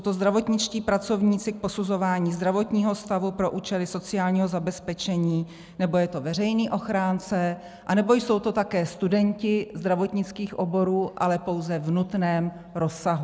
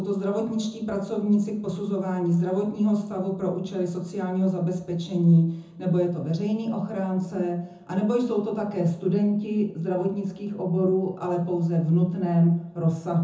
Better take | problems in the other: first | room echo; dies away in 0.5 s

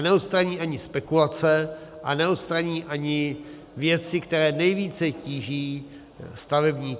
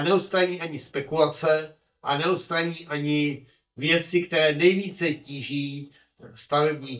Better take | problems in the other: first | noise reduction (neural mask model DeepFilterNet 3)

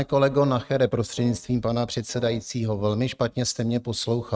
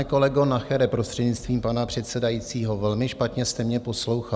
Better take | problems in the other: second | noise reduction (neural mask model RNNoise)

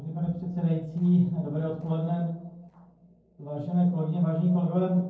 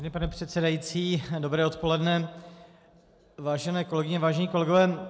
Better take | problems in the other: second | noise reduction (neural separator model SepFormer DNS4)

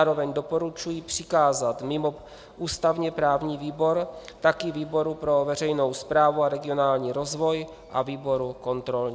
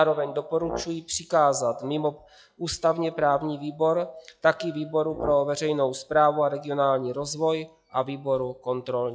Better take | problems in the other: first | noise reduction (classical method log-MMSE)

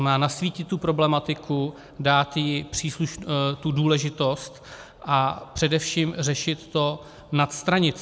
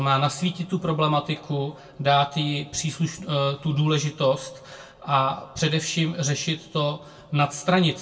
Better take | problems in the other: first | room echo; dies away in 0.2 s

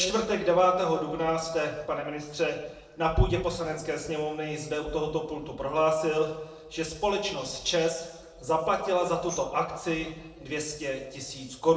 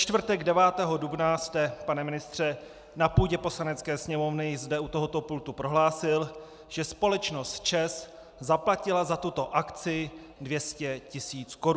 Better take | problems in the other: second | noise reduction (neural separator model SepFormer DNS4)

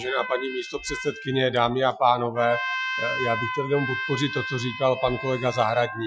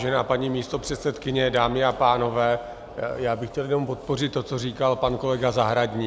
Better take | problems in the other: second | noise reduction (classical method Wiener filter)

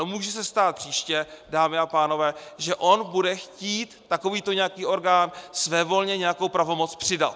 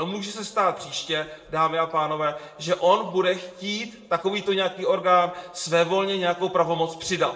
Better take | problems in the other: first | room echo; dies away in 0.7 s

